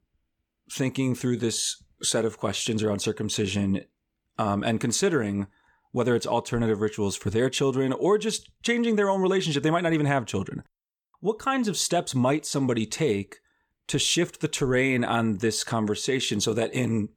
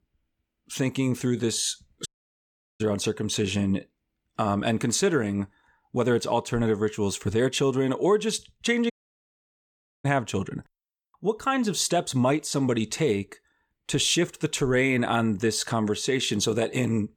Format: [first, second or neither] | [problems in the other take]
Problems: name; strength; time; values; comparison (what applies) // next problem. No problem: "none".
first | audio cutting out; at 2 s for 0.5 s and at 9 s for 1 s